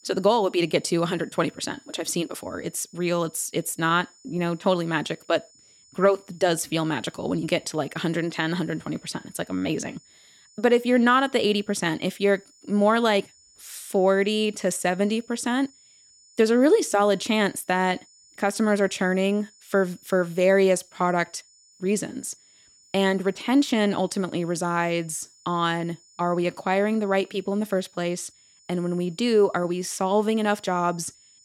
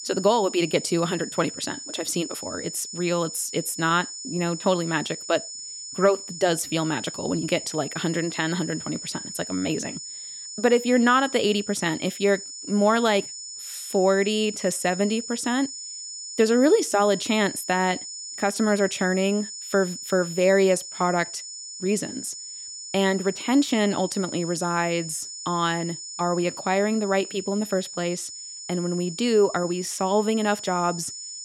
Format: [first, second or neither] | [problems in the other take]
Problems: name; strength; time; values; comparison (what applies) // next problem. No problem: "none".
first | high-pitched whine; loud; throughout; 7 kHz, 10 dB below the speech; faint in the first